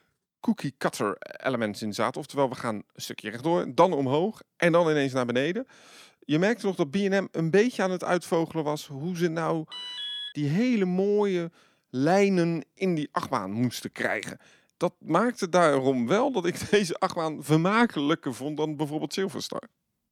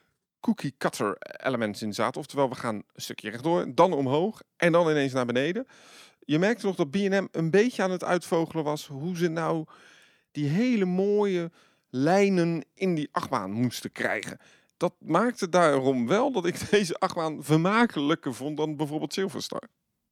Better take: second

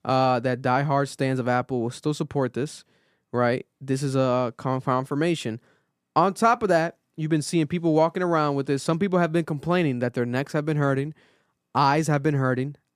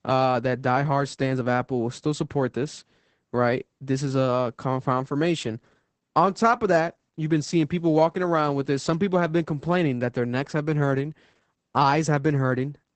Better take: first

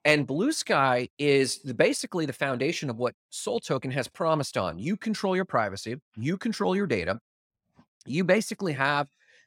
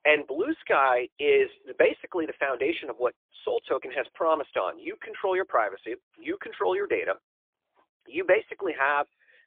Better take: first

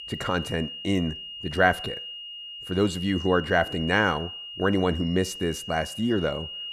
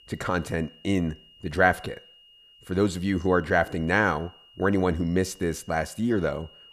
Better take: second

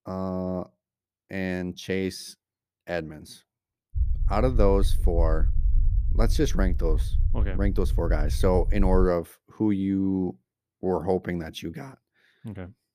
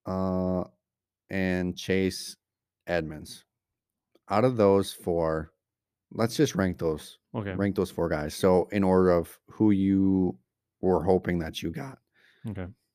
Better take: second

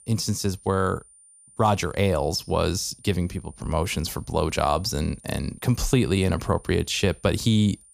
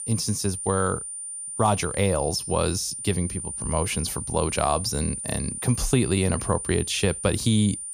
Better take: first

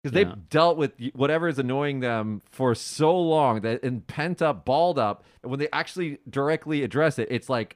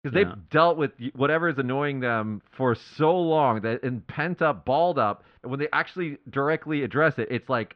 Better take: first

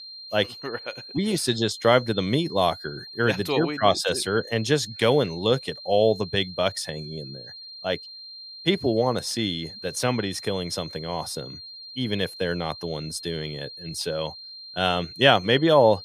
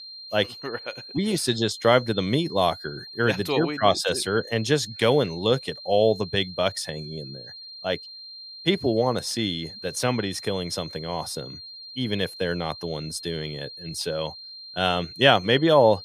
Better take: neither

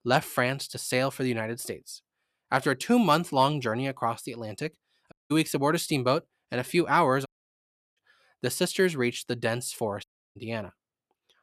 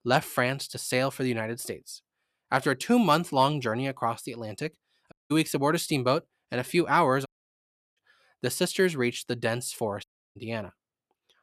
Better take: neither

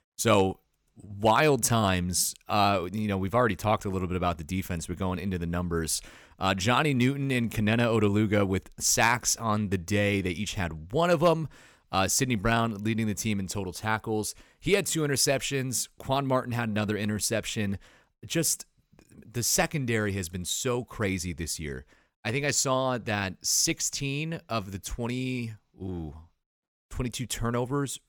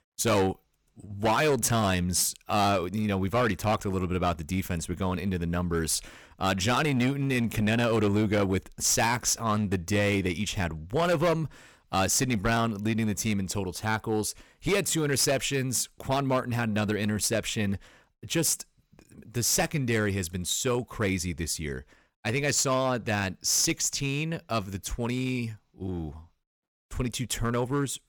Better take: first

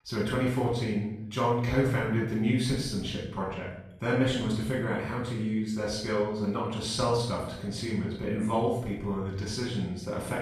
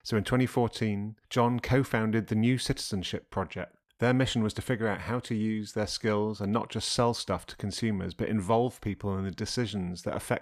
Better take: second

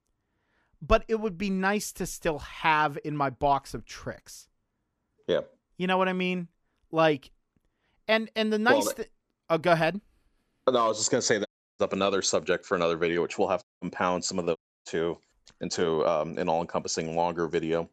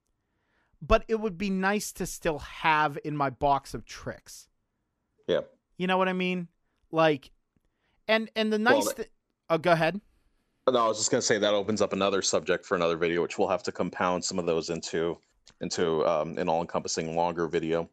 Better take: second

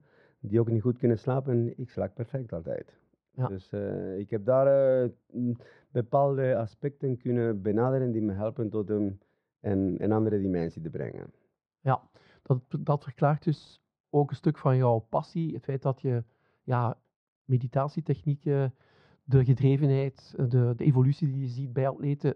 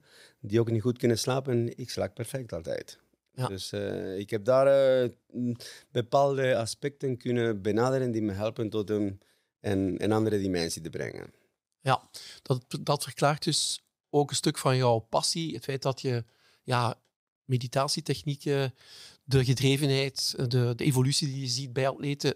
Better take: second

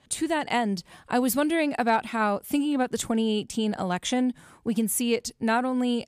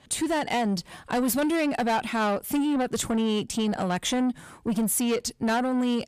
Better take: first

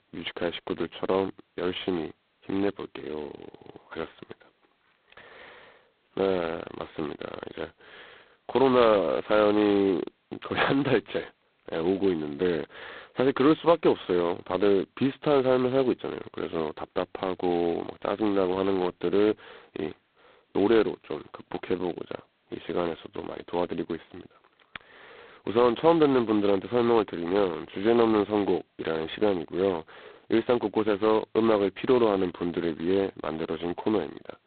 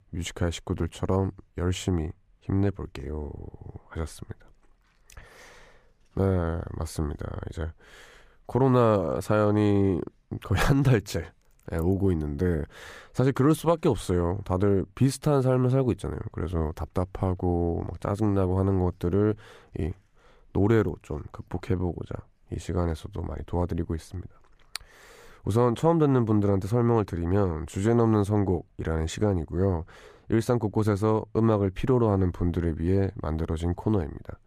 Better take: second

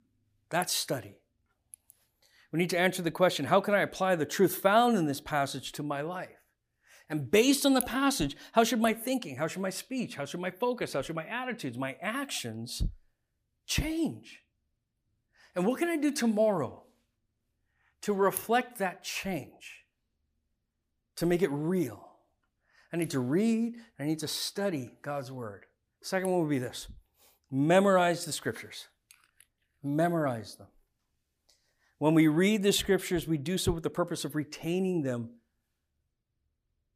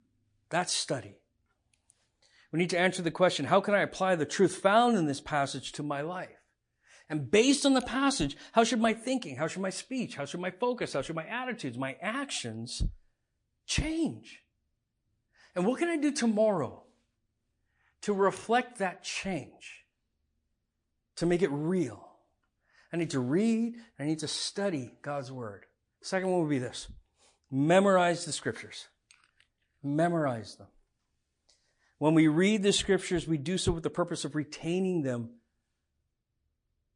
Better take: first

